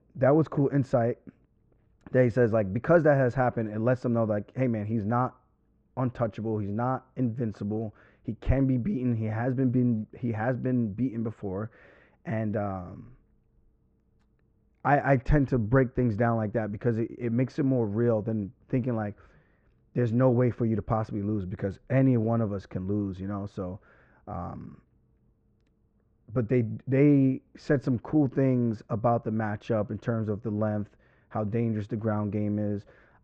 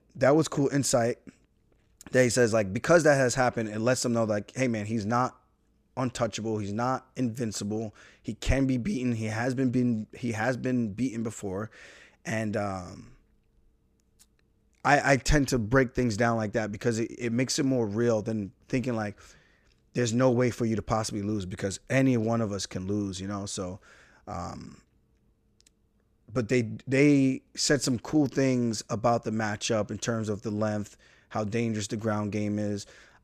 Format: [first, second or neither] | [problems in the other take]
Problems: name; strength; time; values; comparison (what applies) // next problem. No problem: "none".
second | muffled; very; fading above 1.5 kHz